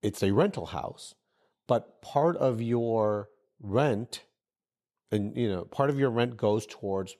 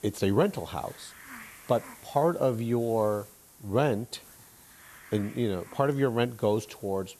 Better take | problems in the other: first | hiss; faint; throughout; 20 dB below the speech

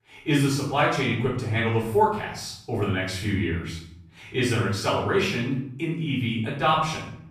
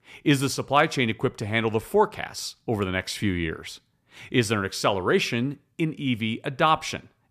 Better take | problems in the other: second | room echo; noticeable; dies away in 0.7 s // off-mic speech; far

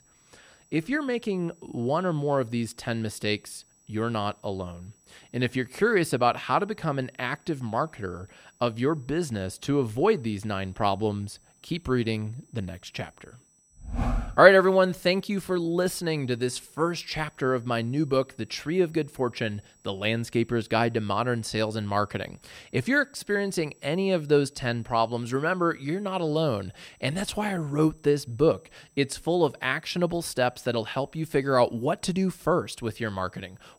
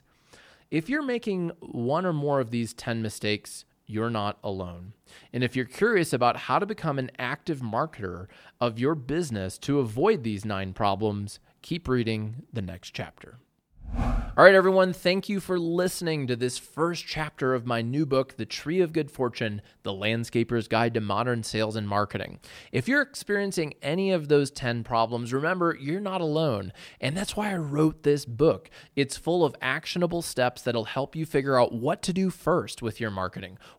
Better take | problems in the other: second | high-pitched whine; faint; throughout; 8 kHz, 35 dB below the speech

